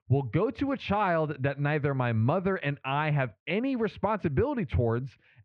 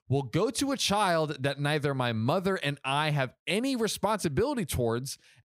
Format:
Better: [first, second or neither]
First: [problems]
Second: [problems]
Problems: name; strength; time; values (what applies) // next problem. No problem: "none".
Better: second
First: muffled; very; fading above 2.5 kHz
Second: none